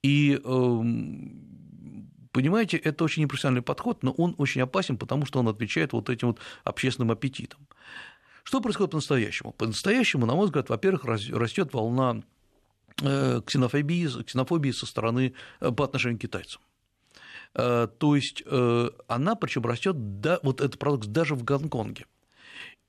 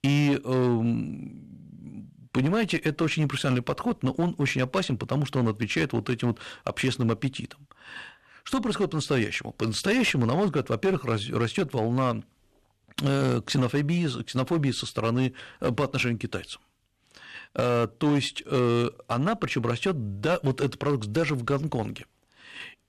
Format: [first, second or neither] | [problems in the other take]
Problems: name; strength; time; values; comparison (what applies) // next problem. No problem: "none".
first | distortion; slight; 8% of the sound clipped